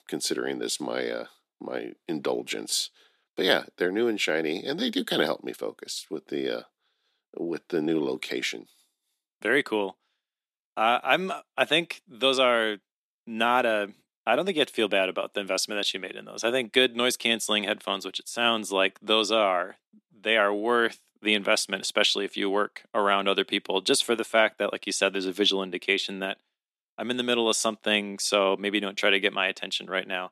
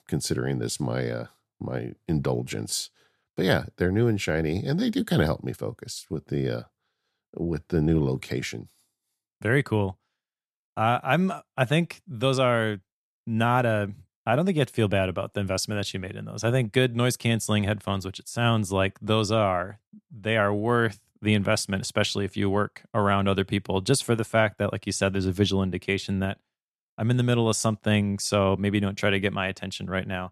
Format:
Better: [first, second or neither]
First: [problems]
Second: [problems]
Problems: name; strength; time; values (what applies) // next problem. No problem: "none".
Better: second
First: thin; somewhat; fading below 250 Hz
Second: none